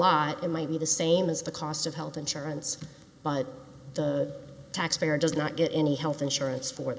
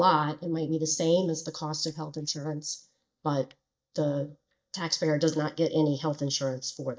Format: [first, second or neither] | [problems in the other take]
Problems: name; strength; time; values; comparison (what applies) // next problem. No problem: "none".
first | noise reduction (neural mask model DeepFilterNet 3)